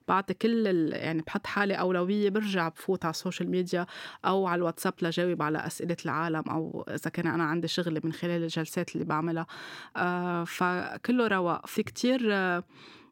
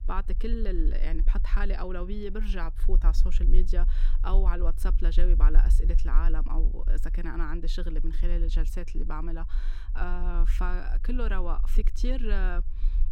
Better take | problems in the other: first | low rumble; noticeable; throughout; 15 dB below the speech

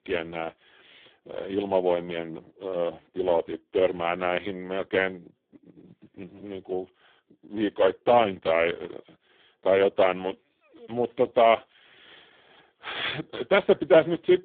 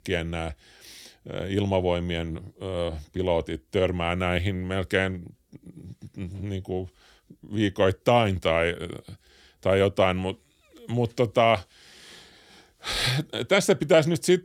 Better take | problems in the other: second | phone-call audio; poor line

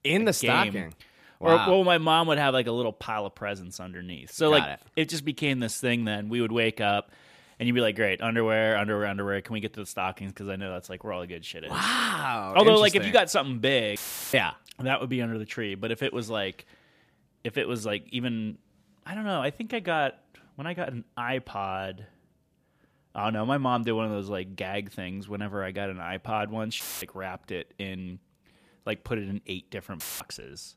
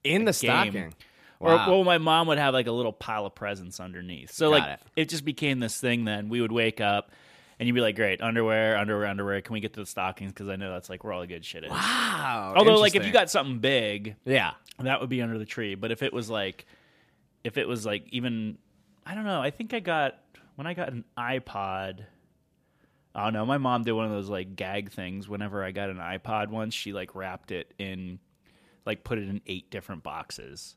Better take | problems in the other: second | audio cutting out; filled with static; at 14 s, at 27 s and at 30 s

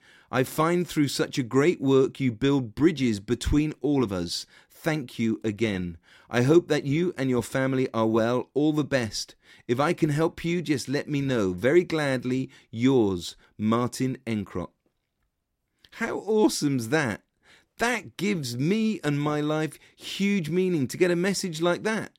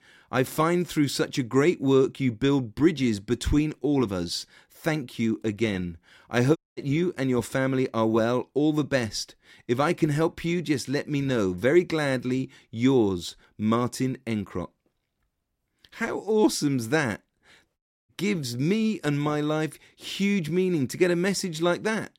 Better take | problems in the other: first | audio cutting out; at 6.5 s and at 18 s

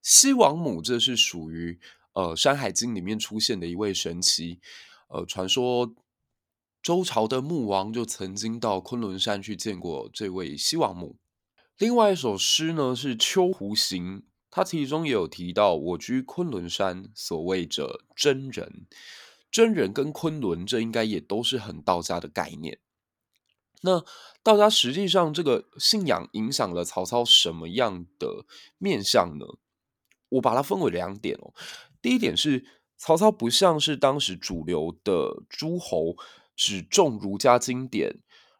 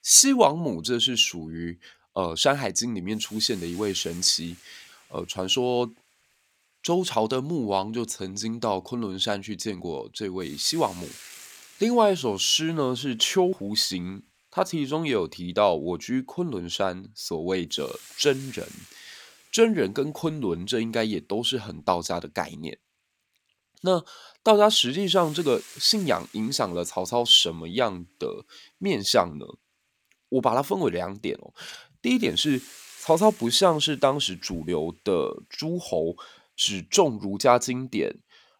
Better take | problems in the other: first | hiss; faint; throughout; 20 dB below the speech

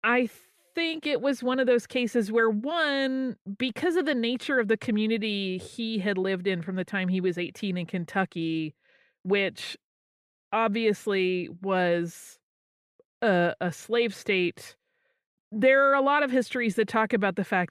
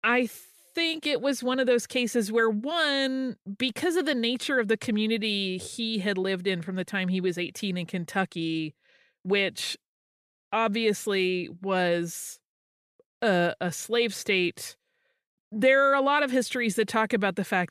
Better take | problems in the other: second | muffled; very slightly; fading above 3.5 kHz

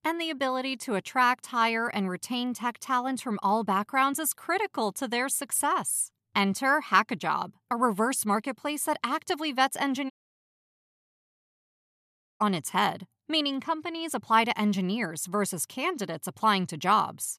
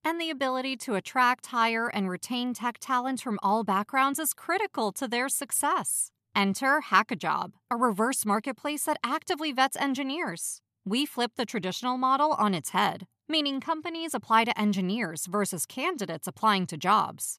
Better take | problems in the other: second | audio cutting out; at 10 s for 2.5 s

